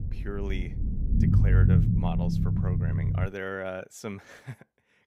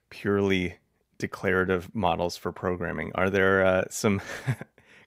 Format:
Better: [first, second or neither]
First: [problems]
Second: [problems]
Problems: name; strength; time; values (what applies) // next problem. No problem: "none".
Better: second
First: low rumble; loud; until 3.5 s; as loud as the speech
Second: none